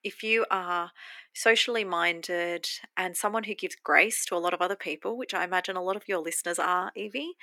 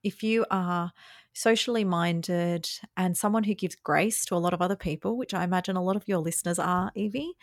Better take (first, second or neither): second